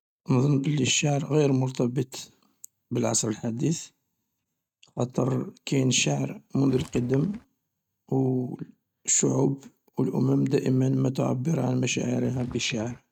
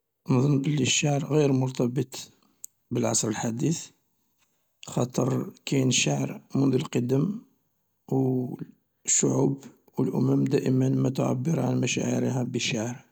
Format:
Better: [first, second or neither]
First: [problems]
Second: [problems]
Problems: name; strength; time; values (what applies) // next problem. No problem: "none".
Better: second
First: noise reduction (neural mask model RNNoise)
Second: none